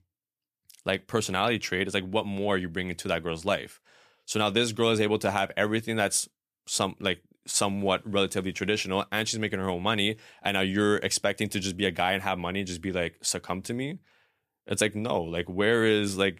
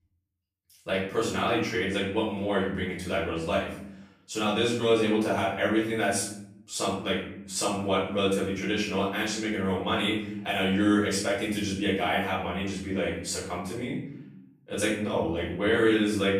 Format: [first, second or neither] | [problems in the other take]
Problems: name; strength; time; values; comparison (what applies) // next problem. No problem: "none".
first | off-mic speech; far // room echo; noticeable; dies away in 0.8 s